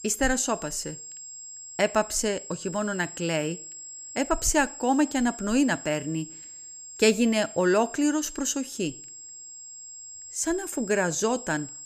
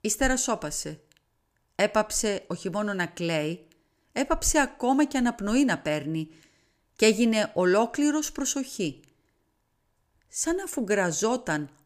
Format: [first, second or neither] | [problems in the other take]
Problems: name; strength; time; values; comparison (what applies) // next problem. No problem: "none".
second | high-pitched whine; noticeable; throughout; 7.5 kHz, 15 dB below the speech